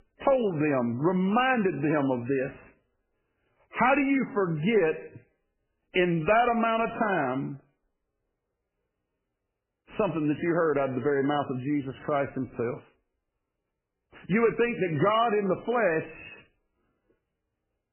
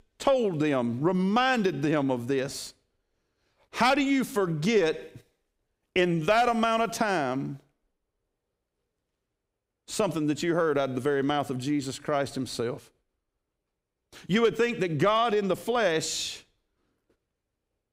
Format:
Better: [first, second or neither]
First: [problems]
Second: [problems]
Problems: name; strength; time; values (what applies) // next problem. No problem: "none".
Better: second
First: garbled, watery; badly; nothing above 3 kHz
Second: none